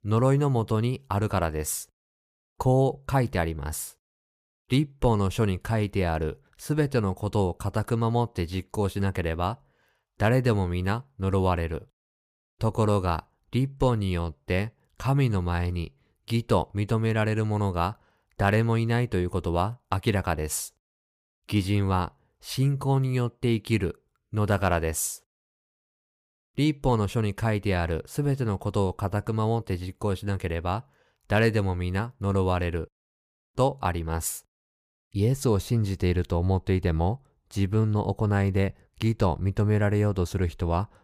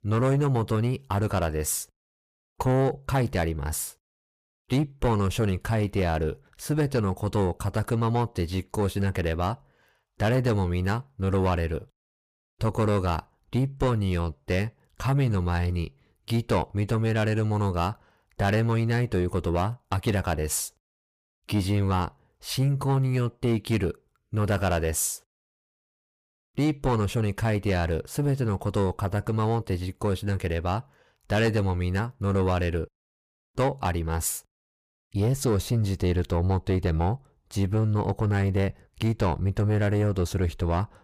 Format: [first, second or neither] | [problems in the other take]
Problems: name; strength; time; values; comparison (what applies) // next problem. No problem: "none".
first | distortion; slight; 10 dB below the speech